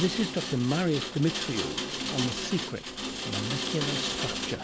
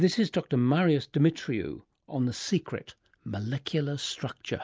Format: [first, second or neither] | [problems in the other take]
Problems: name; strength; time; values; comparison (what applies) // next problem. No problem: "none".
second | background sound (Rain); 2 dB below the speech